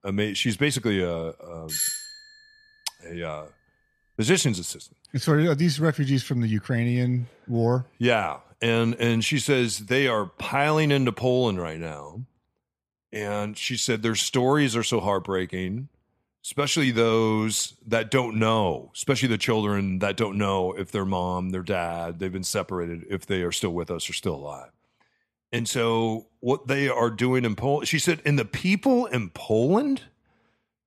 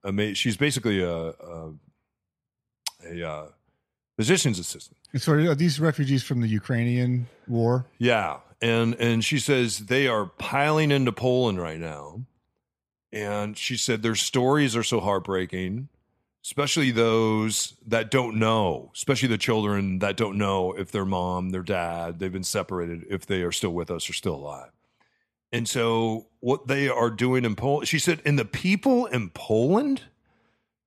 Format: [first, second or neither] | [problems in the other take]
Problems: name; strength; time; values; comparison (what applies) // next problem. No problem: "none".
second | doorbell; noticeable; at 1.5 s; peak 1 dB below the speech